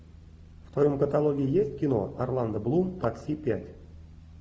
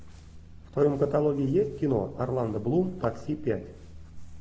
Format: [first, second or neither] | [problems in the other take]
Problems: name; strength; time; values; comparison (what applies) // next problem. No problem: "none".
first | background sound (Crumpling, crinkling); 18 dB below the speech